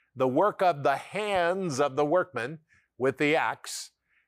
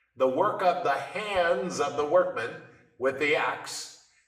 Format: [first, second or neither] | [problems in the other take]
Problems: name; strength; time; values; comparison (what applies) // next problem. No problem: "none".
first | room echo; slight; dies away in 0.7 s // off-mic speech; somewhat distant